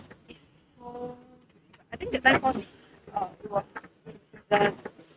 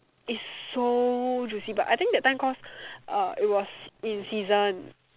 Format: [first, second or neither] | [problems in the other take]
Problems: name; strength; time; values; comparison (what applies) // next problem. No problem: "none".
second | noise reduction (neural mask model RNNoise)